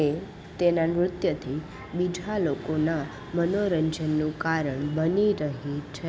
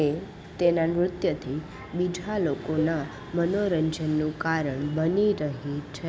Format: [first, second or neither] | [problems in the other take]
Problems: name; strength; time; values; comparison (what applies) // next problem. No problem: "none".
first | background sound (Cowbell); 16 dB below the speech